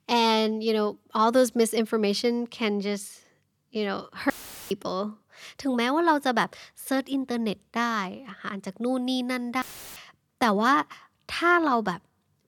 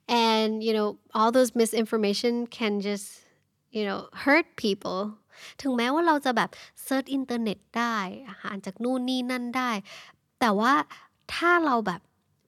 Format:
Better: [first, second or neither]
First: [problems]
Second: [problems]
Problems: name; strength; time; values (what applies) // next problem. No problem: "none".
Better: second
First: audio cutting out; filled with static; at 4.5 s and at 9.5 s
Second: none